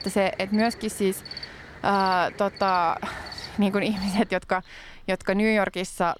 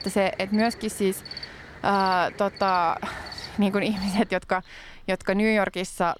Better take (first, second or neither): neither